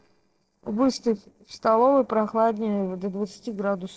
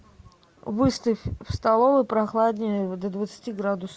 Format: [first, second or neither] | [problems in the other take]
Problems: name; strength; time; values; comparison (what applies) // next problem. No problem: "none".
second | noise reduction (neural separator model SepFormer DNS4)